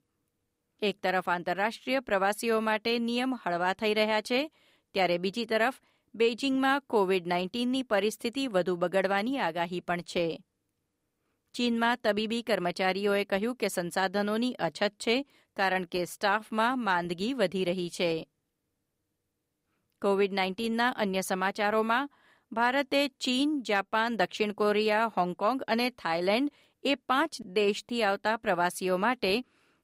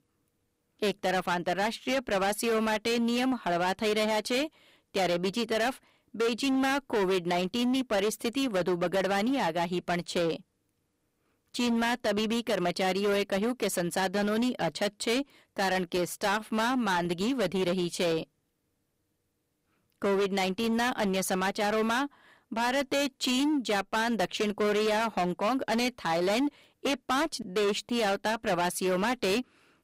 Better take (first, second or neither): first